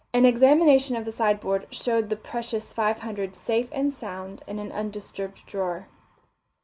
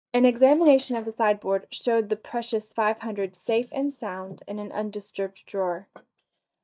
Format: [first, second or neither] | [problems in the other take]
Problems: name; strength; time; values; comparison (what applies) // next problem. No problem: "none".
first | noise reduction (neural mask model DeepFilterNet 3)